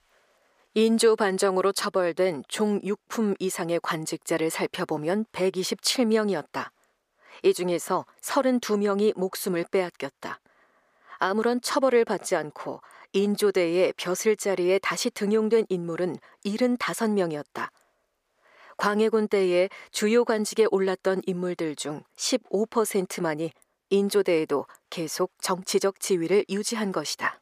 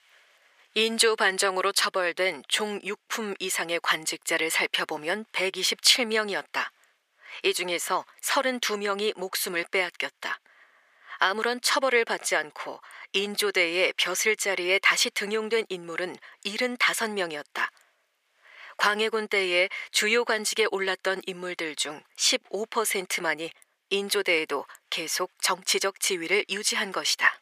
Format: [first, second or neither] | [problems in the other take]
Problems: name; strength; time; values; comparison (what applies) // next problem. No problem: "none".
first | thin; somewhat; fading below 1 kHz